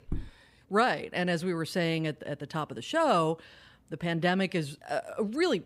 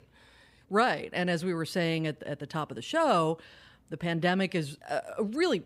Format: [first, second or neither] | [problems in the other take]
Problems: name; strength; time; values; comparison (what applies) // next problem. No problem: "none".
second | footsteps; faint; at the start; peak 10 dB below the speech